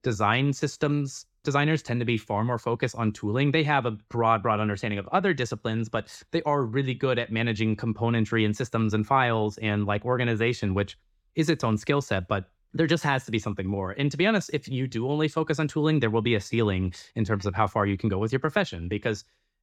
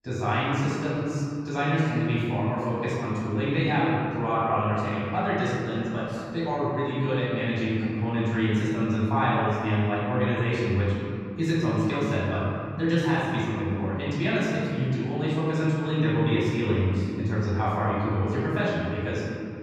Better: first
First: none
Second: off-mic speech; far // room echo; strong; dies away in 2.5 s

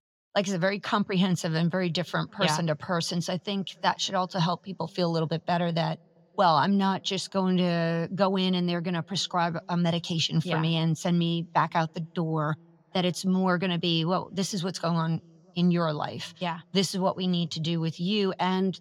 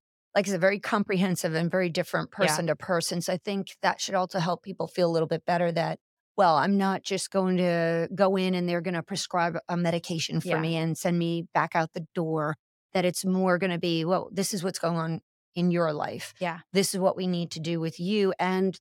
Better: second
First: room echo; slight; dies away in 3 s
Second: none

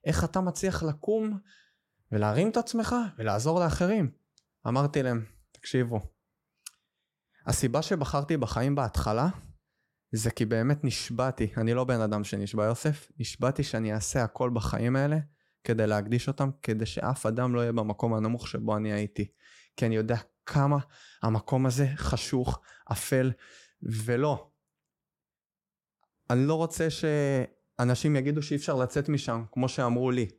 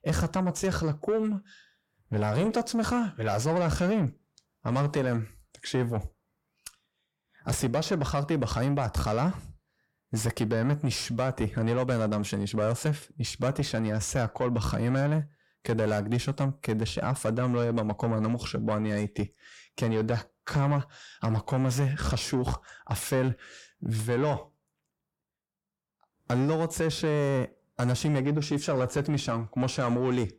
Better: first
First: none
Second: distortion; slight; 10 dB below the speech

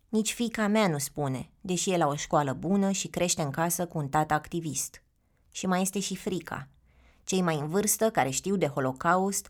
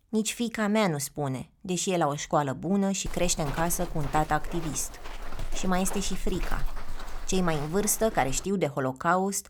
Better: first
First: none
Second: footsteps; noticeable; from 3 to 8.5 s; peak 9 dB below the speech

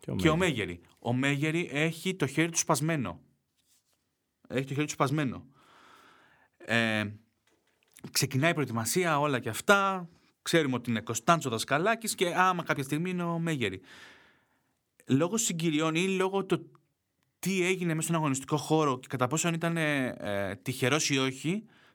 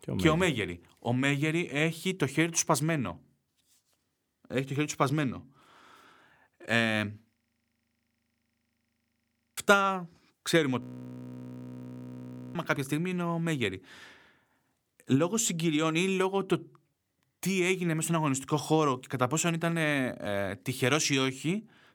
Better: first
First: none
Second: audio freezing; at 7.5 s for 2 s and at 11 s for 1.5 s

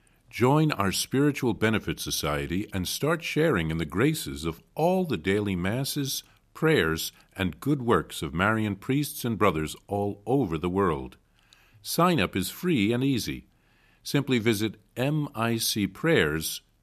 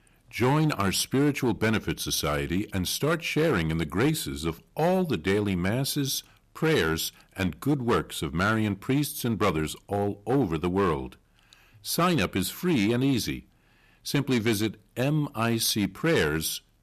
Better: first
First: none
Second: distortion; slight; 6% of the sound clipped

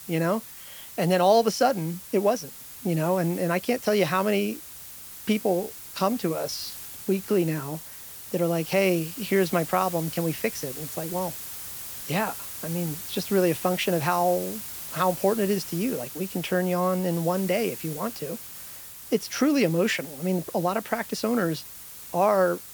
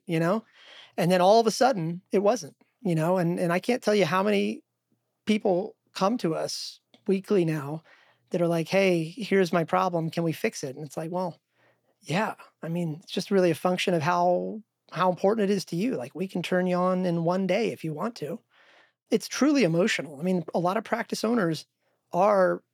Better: second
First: hiss; noticeable; throughout; 10 dB below the speech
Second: none

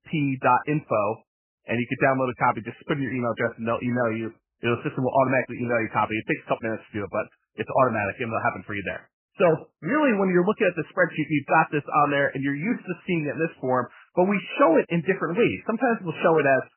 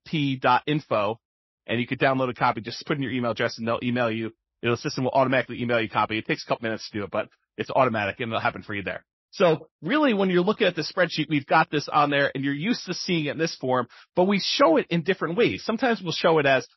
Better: second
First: garbled, watery; badly; nothing above 3 kHz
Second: garbled, watery; slightly; nothing above 5.5 kHz

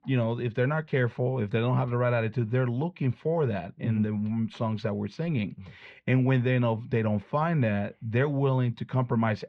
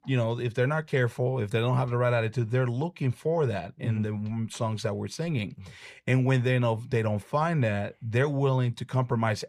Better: second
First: muffled; slightly; fading above 3.5 kHz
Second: none

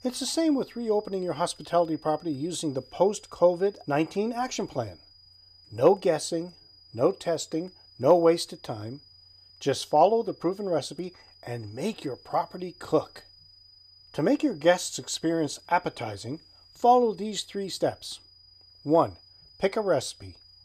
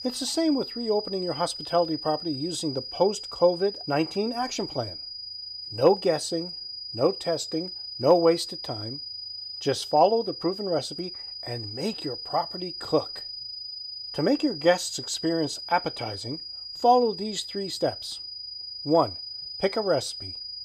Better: first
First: high-pitched whine; faint; throughout; 5 kHz, 25 dB below the speech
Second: high-pitched whine; loud; throughout; 5 kHz, 8 dB below the speech

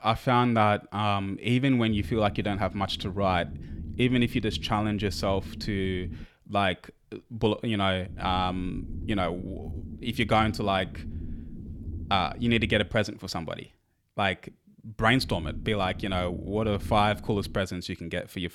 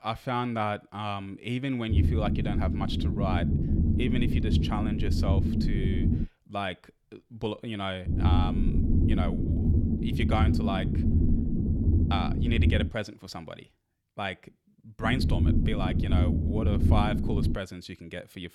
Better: first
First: low rumble; faint; from 2 to 6 s, from 8 to 13 s and from 15 to 18 s; 20 dB below the speech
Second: low rumble; loud; from 2 to 6 s, from 8 to 13 s and from 15 to 18 s; 3 dB below the speech

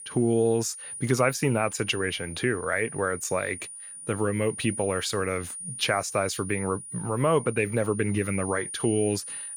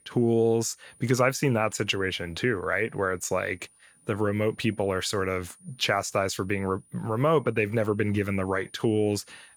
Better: second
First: high-pitched whine; loud; throughout; 9.5 kHz, 10 dB below the speech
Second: high-pitched whine; faint; throughout; 9.5 kHz, 30 dB below the speech

